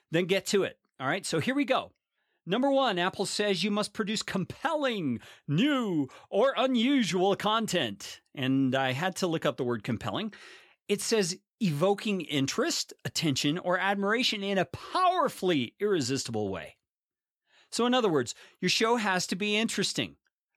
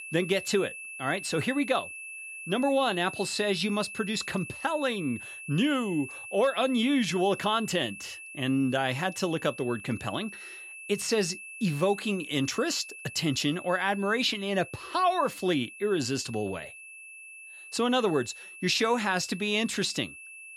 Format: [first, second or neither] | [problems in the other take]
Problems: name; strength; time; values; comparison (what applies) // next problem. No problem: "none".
first | high-pitched whine; noticeable; throughout; 2.5 kHz, 10 dB below the speech